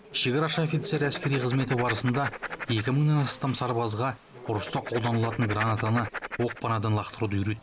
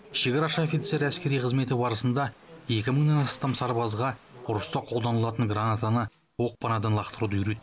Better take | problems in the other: second | background sound (Writing); 10 dB below the speech

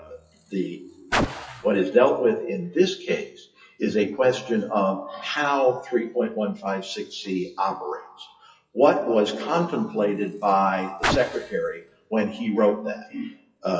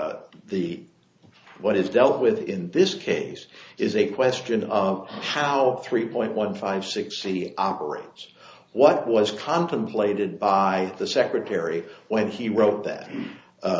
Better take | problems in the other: second | noise reduction (classical method WPE with log-MMSE)

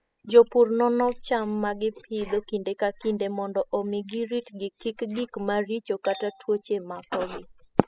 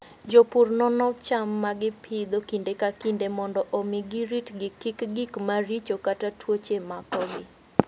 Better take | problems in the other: second | noise reduction (classical method spectral subtraction)

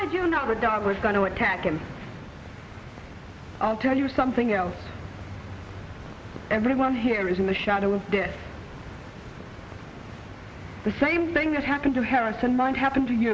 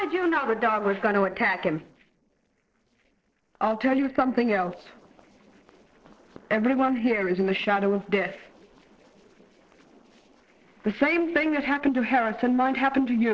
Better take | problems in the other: first | noise reduction (neural separator model SepFormer DNS4)

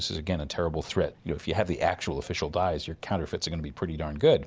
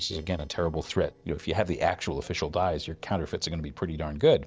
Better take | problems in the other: first | noise reduction (neural separator model SepFormer DNS4)

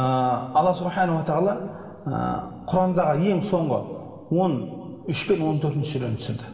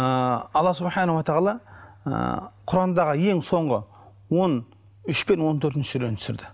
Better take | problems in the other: second | room echo; dies away in 1.7 s

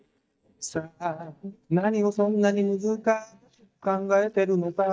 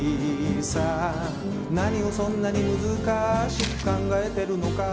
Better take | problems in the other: second | noise reduction (neural mask model DeepFilterNet 3)

